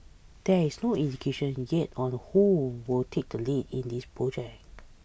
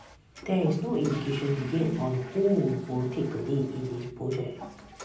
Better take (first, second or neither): first